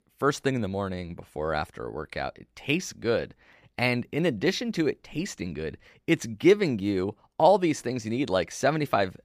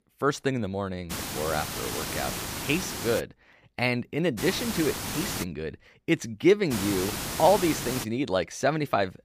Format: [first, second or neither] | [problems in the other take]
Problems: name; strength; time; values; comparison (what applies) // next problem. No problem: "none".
first | hiss; loud; from 1 to 3 s, from 4.5 to 5.5 s and from 6.5 to 8 s; 5 dB below the speech